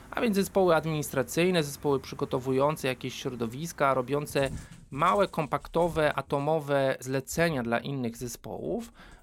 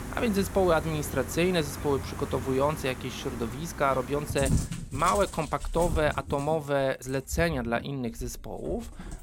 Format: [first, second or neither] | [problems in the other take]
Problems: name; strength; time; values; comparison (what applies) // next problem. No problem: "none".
first | animal sounds; loud; throughout; 8 dB below the speech; faint in the first